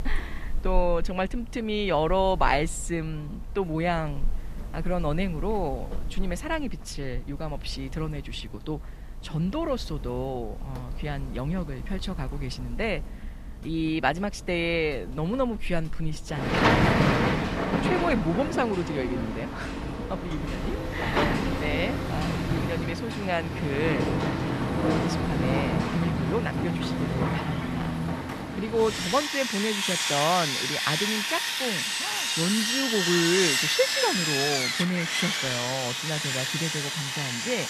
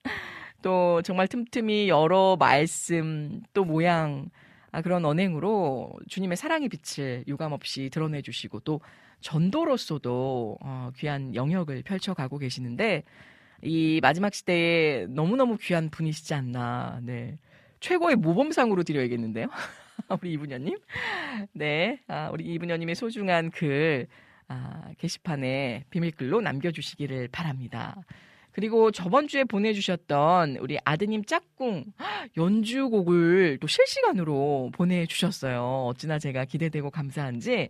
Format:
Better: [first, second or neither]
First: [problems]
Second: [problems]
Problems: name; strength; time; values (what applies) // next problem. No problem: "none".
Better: second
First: machinery noise; very loud; throughout; 2 dB above the speech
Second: none